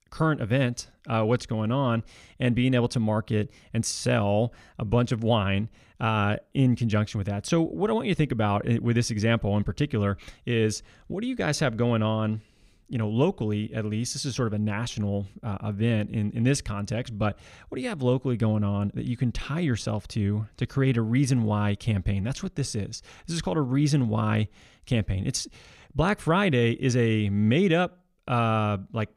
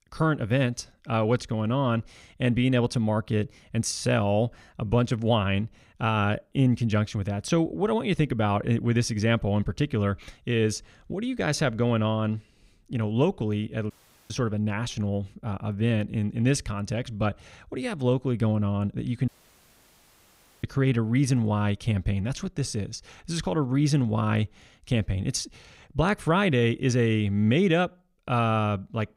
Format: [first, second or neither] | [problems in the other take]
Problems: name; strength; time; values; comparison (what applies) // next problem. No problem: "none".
first | audio cutting out; at 14 s and at 19 s for 1.5 s